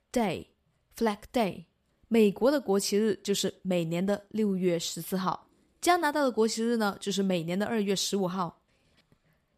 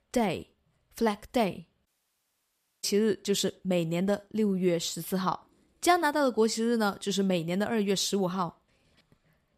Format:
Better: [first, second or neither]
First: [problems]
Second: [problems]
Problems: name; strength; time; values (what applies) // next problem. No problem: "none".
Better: first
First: none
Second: audio cutting out; at 2 s for 1 s